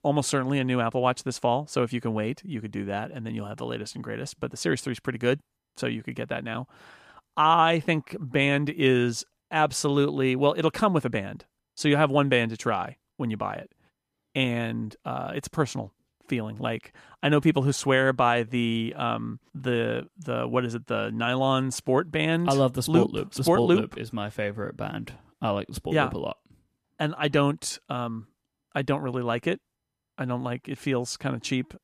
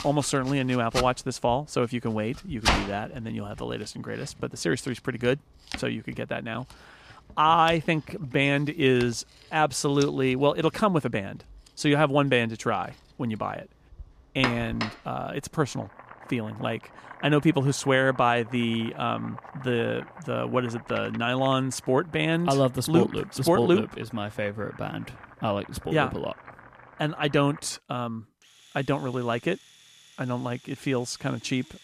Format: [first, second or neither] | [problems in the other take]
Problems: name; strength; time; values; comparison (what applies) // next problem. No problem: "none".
first | household noises; noticeable; throughout; 10 dB below the speech